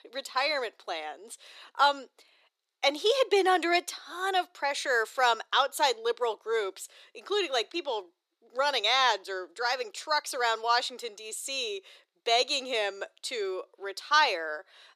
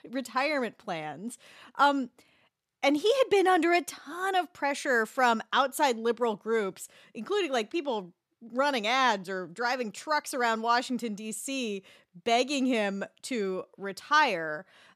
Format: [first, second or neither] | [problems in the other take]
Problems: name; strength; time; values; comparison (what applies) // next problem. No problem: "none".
second | thin; very; fading below 350 Hz